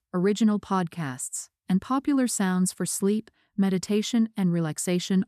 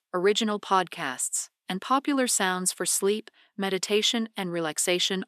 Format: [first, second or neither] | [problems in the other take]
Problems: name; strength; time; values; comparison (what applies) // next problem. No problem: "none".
first | thin; somewhat; fading below 450 Hz